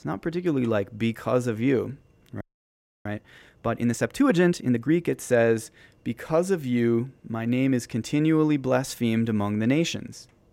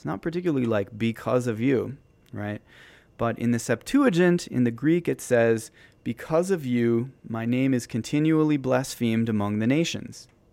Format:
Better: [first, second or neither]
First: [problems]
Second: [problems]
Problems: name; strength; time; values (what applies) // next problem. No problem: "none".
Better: second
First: audio freezing; at 2.5 s for 0.5 s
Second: none